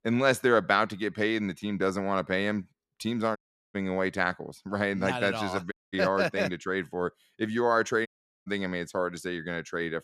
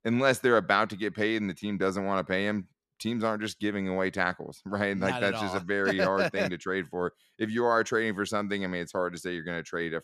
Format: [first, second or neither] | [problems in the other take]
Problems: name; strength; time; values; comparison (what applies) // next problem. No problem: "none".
second | audio cutting out; at 3.5 s, at 5.5 s and at 8 s